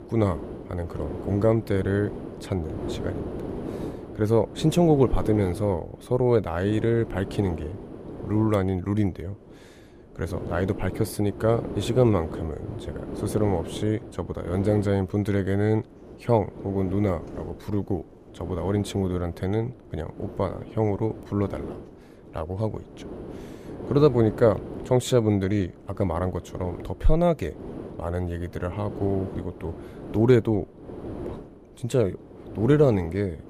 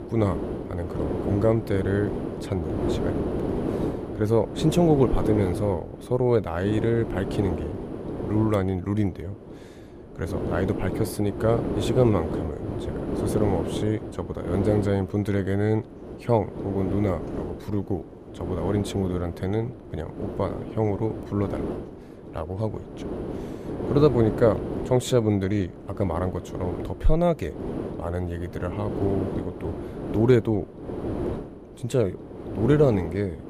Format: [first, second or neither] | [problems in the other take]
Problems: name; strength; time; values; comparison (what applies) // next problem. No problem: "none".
first | wind noise on the microphone; heavy; 6 dB below the speech; occasional gusts in the first